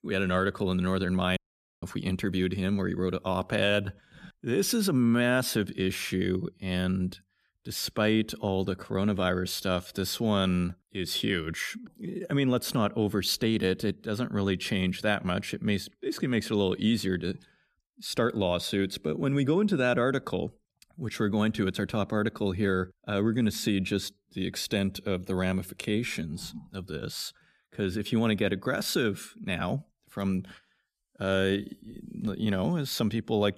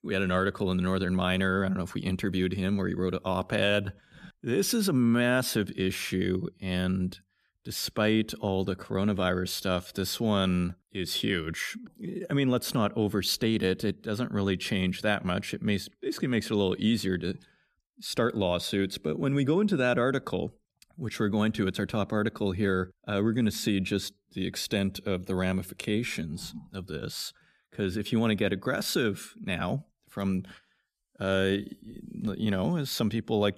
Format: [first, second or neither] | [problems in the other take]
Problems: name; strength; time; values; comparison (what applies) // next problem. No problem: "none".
second | audio cutting out; at 1.5 s